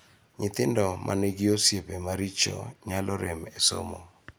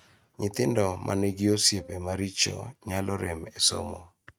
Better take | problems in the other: first | noise reduction (neural mask model RNNoise)

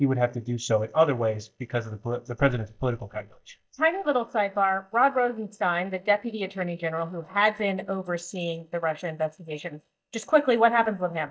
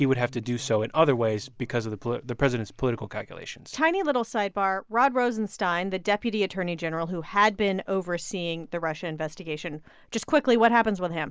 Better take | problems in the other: second | noise reduction (neural mask model DeepFilterNet 3)

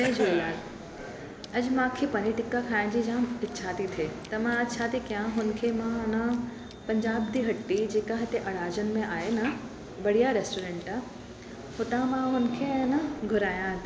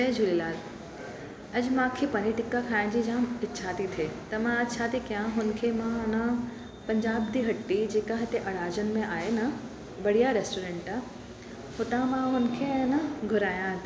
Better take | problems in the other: second | background sound (Chewing, mastication / Cough); 17 dB below the speech

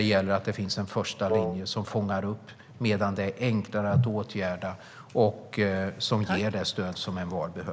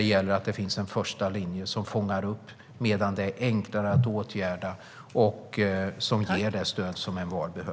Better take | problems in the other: second | background sound (Wind instrument, woodwind instrument); 2 dB below the speech

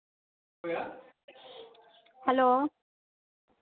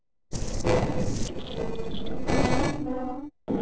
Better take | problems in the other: first | noise reduction (neural separator model SepFormer DNS4)

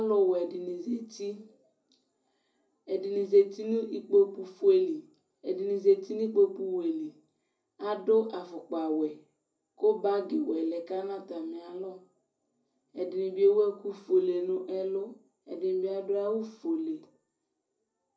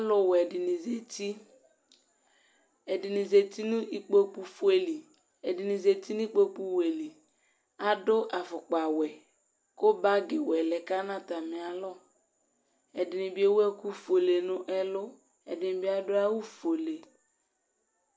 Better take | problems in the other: second | room echo; dies away in 0.4 s

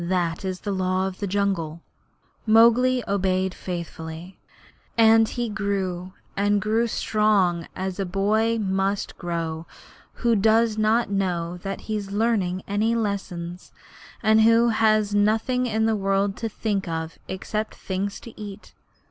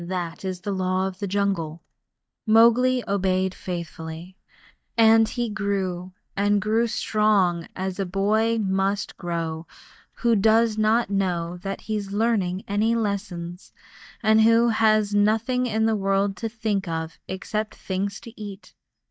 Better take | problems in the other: first | noise reduction (neural mask model DeepFilterNet 3)

